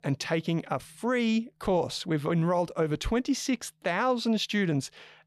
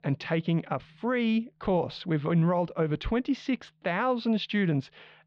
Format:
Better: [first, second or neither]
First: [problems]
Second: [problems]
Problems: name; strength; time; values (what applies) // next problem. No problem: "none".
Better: first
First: none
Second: muffled; slightly; fading above 3.5 kHz